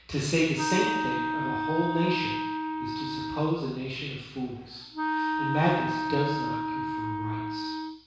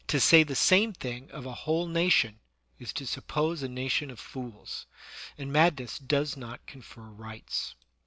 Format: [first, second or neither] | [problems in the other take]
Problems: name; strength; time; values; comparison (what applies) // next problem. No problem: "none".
second | background sound (Wind instrument, woodwind instrument); 1 dB below the speech // room echo; dies away in 1.1 s